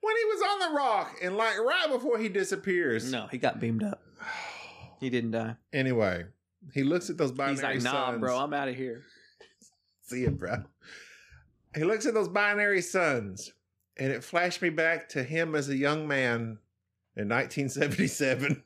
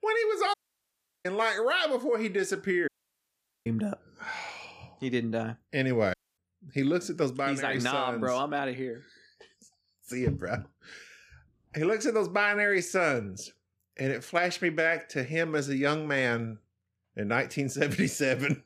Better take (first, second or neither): first